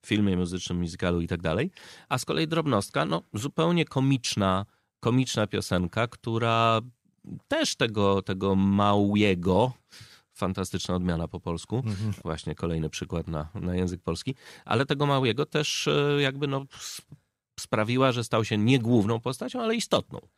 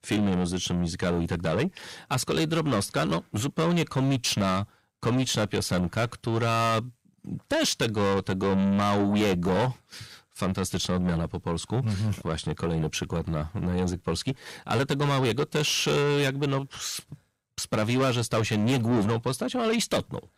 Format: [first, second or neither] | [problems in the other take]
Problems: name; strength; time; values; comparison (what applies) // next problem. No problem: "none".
first | distortion; heavy; 7 dB below the speech